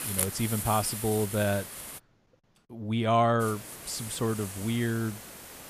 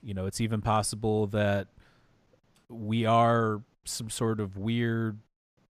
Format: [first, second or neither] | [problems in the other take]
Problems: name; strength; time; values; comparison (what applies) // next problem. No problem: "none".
second | hiss; loud; until 2 s and from 3.5 s on; 7 dB below the speech